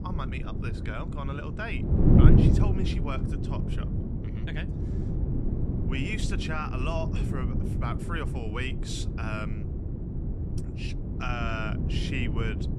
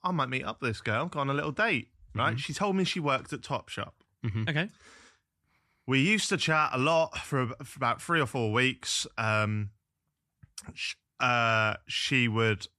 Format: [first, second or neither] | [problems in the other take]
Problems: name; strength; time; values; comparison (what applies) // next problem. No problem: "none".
second | wind noise on the microphone; heavy; 2 dB below the speech